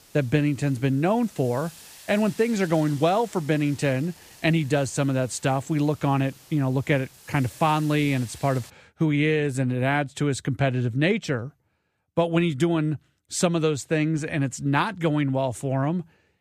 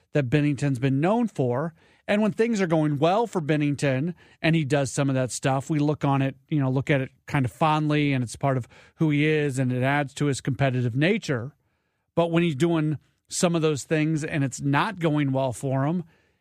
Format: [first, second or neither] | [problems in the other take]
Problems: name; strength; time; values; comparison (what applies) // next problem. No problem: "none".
second | hiss; faint; until 8.5 s; 20 dB below the speech